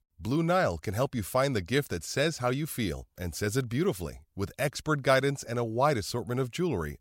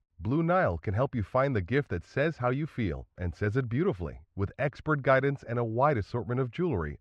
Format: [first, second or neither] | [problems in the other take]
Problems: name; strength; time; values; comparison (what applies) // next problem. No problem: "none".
first | muffled; very; fading above 2 kHz